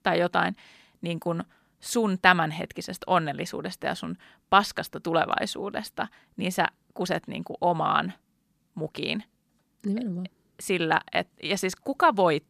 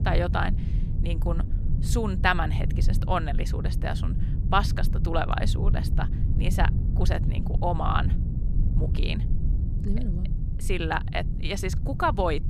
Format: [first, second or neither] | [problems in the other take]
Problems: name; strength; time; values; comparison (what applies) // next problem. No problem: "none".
first | low rumble; noticeable; throughout; 15 dB below the speech